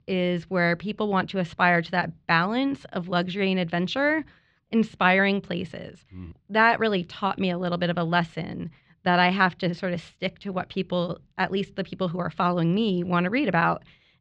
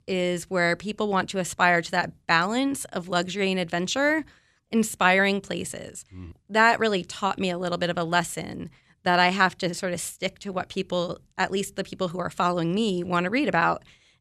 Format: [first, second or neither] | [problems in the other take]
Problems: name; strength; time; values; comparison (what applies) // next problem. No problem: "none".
second | muffled; very slightly; fading above 4 kHz